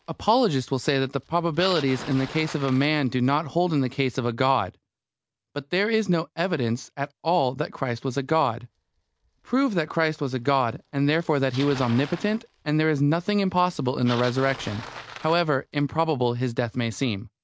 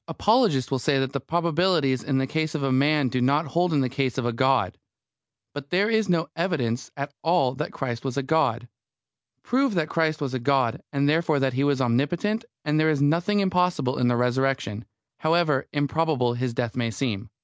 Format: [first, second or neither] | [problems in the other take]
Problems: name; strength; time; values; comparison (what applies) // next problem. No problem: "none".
second | background sound (Bicycle); 20 dB below the speech